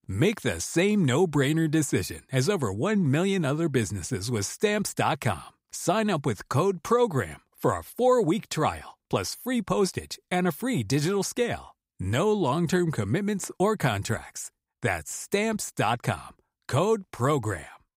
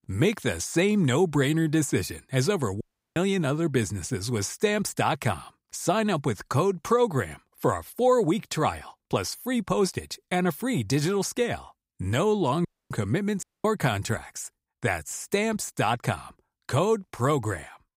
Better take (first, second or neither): first